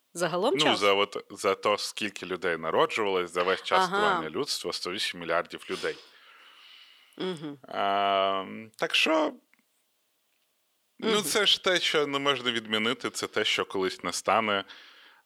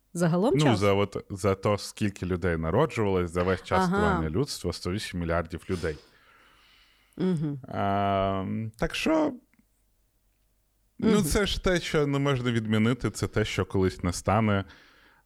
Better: second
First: thin; somewhat; fading below 400 Hz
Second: none

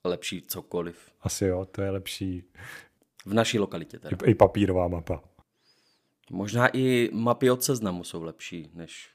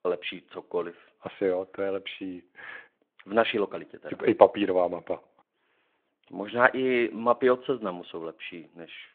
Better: first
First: none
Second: phone-call audio

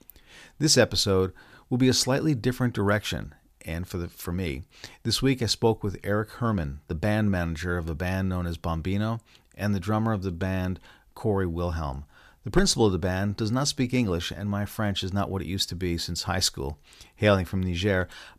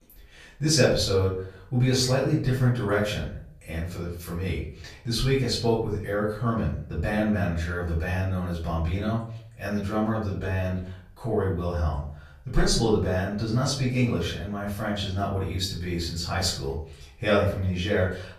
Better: first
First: none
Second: off-mic speech; far // room echo; noticeable; dies away in 0.5 s

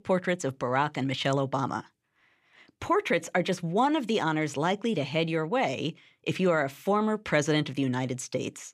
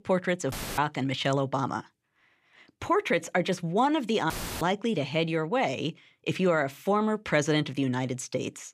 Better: first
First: none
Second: audio cutting out; filled with static; at 0.5 s and at 4.5 s

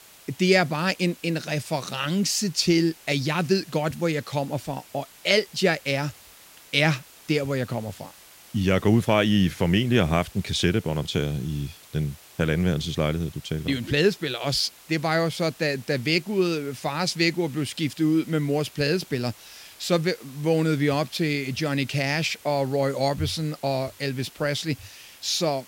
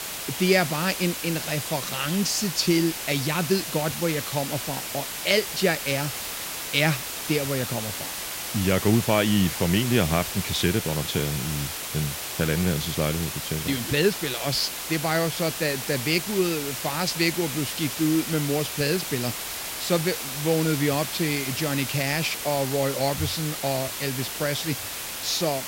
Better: first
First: hiss; faint; throughout; 20 dB below the speech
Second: hiss; loud; throughout; 4 dB below the speech

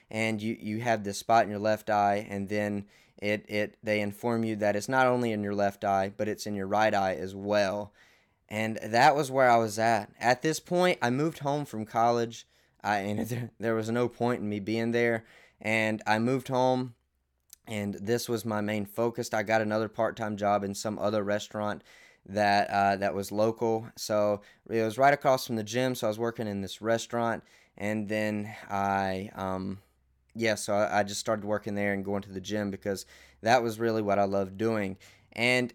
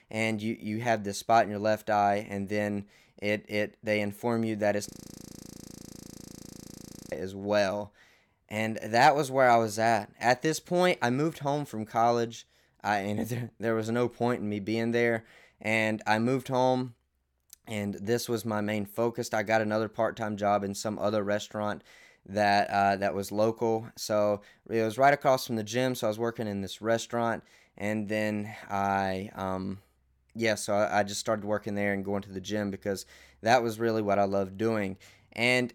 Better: first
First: none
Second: audio freezing; at 5 s for 2 s

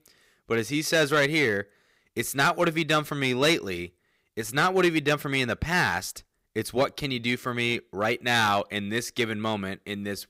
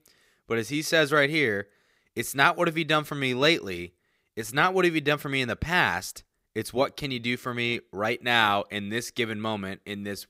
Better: second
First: distortion; slight; 3% of the sound clipped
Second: none

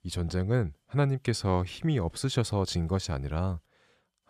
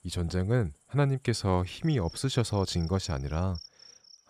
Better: first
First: none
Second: animal sounds; faint; throughout; 20 dB below the speech

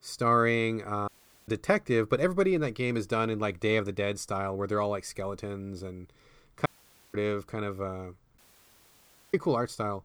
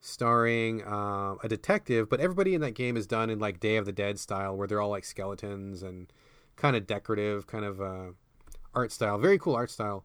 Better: second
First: audio cutting out; at 1 s, at 6.5 s and at 8.5 s for 1 s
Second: none

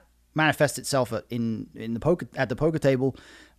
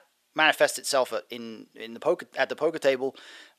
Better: first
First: none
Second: thin; somewhat; fading below 500 Hz

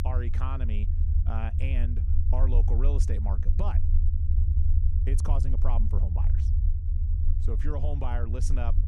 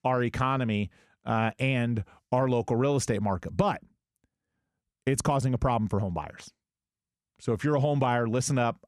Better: second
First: low rumble; loud; throughout; 5 dB below the speech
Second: none

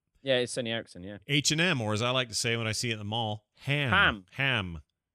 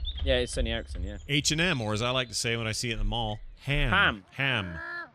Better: first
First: none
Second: animal sounds; noticeable; throughout; 10 dB below the speech

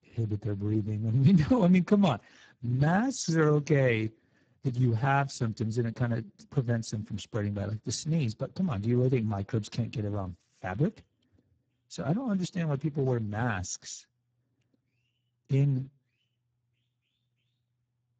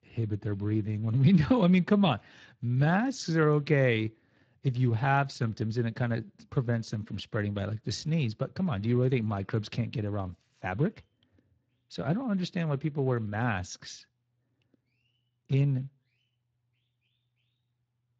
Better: second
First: garbled, watery; badly; nothing above 7.5 kHz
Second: garbled, watery; slightly

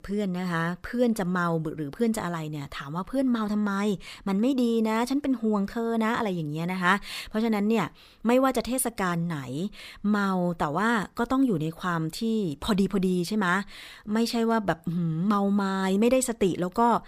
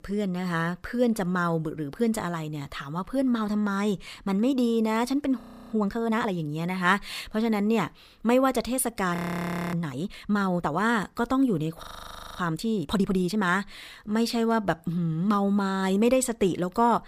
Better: first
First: none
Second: audio freezing; at 5.5 s, at 9 s for 0.5 s and at 12 s for 0.5 s

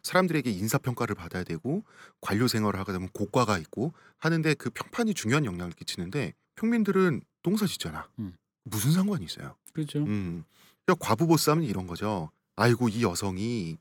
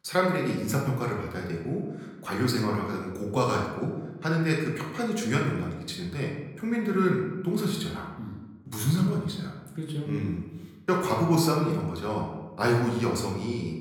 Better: first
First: none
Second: room echo; noticeable; dies away in 0.9 s // off-mic speech; somewhat distant

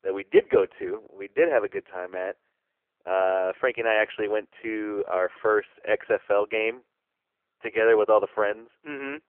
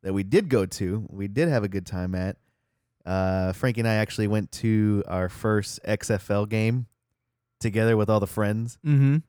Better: second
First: phone-call audio; poor line; nothing above 3 kHz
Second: none

